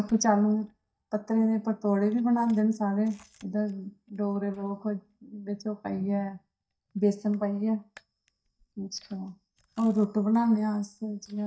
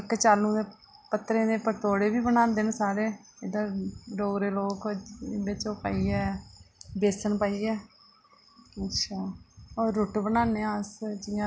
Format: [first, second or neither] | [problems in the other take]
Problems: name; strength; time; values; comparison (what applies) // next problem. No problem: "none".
second | noise reduction (neural mask model DeepFilterNet 3)